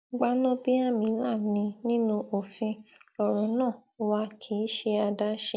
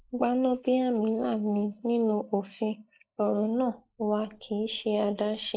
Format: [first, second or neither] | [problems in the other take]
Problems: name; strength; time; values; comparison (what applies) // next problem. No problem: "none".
first | noise reduction (neural mask model Resemble Enhance denoiser)